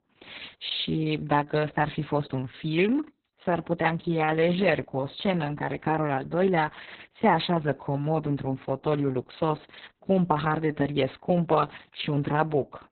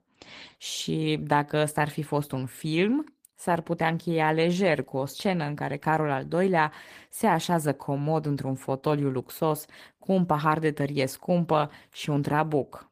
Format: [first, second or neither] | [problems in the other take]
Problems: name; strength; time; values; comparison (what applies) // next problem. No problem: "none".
second | garbled, watery; badly; nothing above 4 kHz; slightly in the second